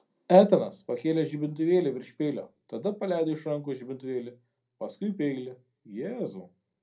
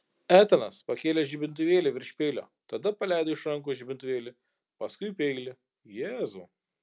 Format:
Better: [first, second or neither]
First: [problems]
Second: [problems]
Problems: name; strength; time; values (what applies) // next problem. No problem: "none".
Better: second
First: room echo; dies away in 0.2 s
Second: none